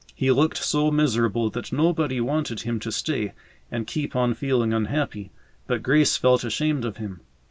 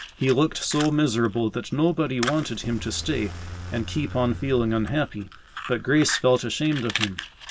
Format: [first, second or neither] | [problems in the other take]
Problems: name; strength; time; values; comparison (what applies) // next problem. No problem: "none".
first | background sound (Fire + Livestock, farm animals, working animals); 11 dB below the speech